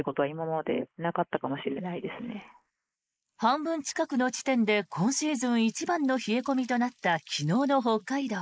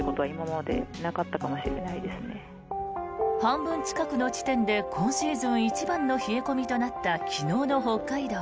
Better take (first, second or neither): second